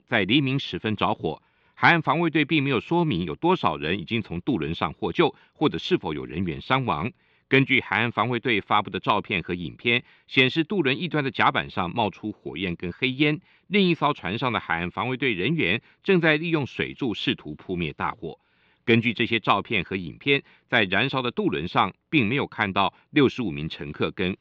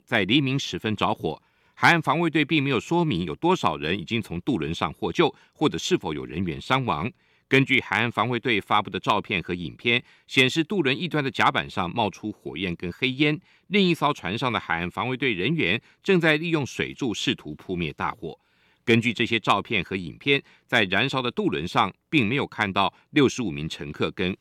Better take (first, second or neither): second